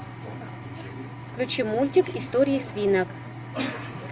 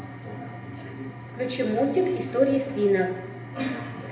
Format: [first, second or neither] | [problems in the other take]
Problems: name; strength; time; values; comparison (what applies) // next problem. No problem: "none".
first | room echo; dies away in 0.8 s